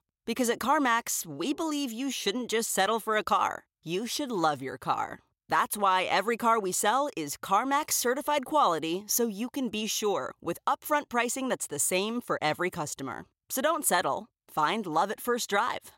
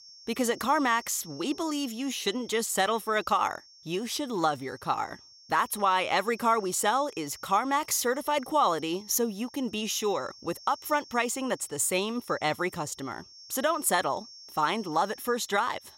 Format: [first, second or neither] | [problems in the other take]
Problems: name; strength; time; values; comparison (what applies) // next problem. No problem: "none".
first | high-pitched whine; noticeable; throughout; 5.5 kHz, 20 dB below the speech